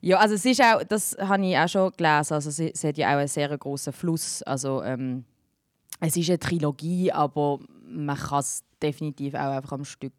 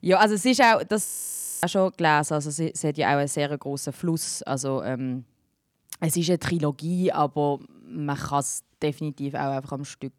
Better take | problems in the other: first | audio freezing; at 1 s for 0.5 s

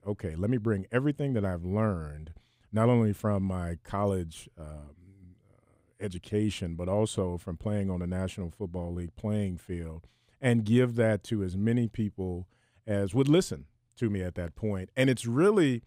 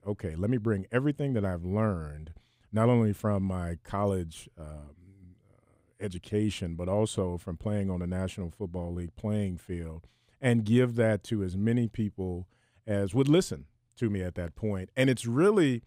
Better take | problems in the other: neither | none

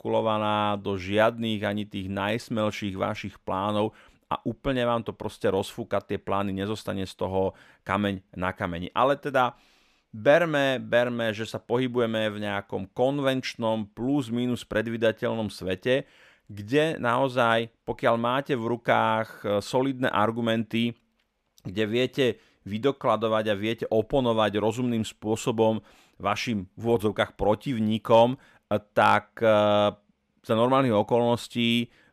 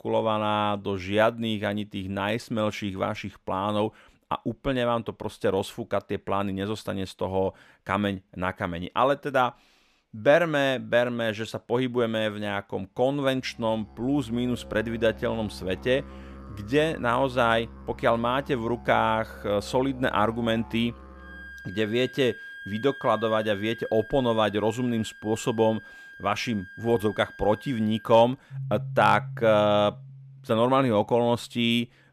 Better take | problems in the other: first | background music; noticeable; from 14 s on; 15 dB below the speech

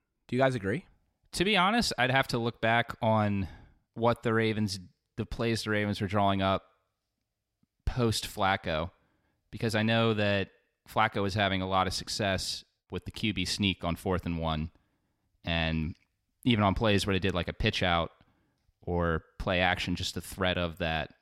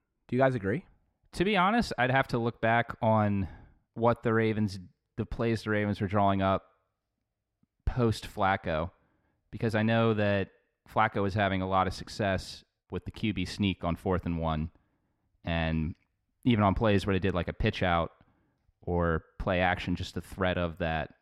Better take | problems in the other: first | muffled; slightly; fading above 2.5 kHz

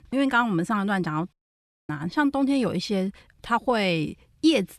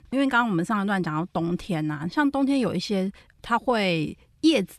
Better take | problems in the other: second | audio cutting out; at 1.5 s for 0.5 s

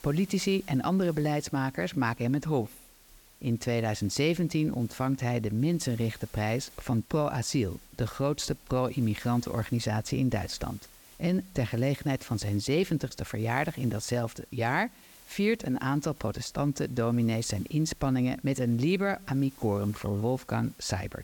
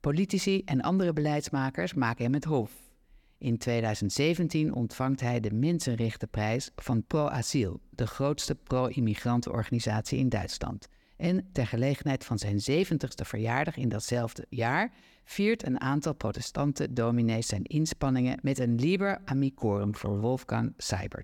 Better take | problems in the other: second | hiss; faint; throughout; 25 dB below the speech

